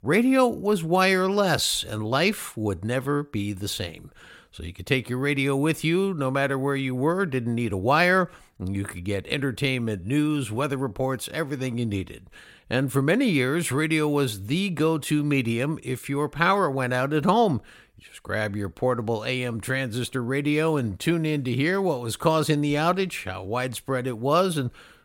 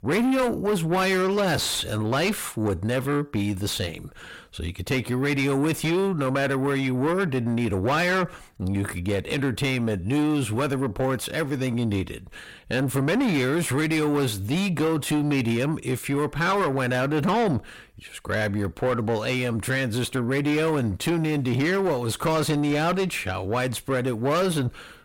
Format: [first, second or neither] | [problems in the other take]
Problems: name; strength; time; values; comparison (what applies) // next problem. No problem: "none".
first | distortion; heavy; 7 dB below the speech